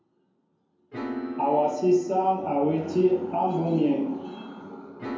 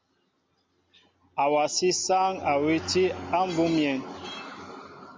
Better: second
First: background sound (Piano); 14 dB below the speech // room echo; dies away in 0.9 s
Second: none

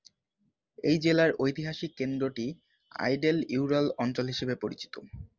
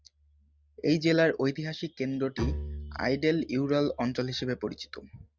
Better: first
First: none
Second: noise reduction (neural mask model RNNoise)

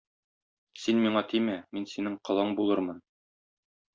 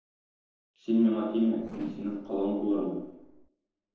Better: first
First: none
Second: noise reduction (neural separator model SepFormer DNS4)

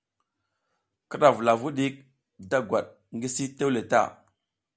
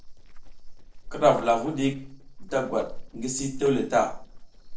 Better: first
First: none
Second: noise reduction (neural separator model SepFormer DNS4)

